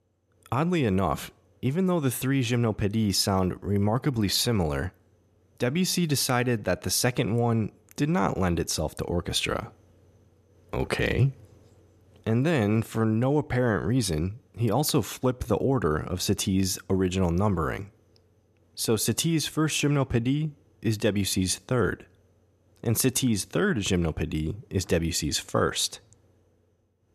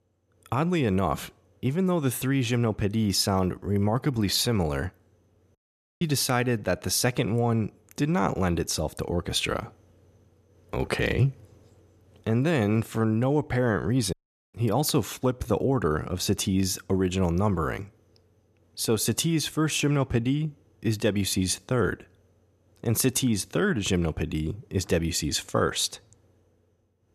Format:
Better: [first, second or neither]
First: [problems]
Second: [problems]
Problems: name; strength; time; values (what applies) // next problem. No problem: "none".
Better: first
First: none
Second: audio cutting out; at 5.5 s and at 14 s